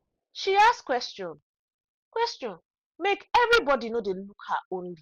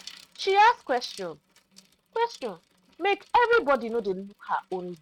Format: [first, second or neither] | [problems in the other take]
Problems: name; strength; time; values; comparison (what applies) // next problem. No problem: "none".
first | noise reduction (neural mask model RNNoise)